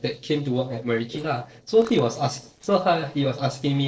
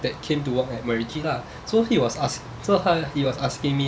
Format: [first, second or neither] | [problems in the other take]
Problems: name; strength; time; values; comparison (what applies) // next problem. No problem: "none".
second | noise reduction (neural separator model SepFormer DNS4)